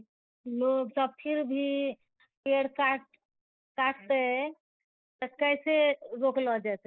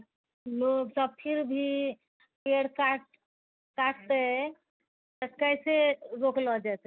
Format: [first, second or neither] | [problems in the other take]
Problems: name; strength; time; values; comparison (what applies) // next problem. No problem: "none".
second | noise reduction (neural mask model Resemble Enhance denoiser)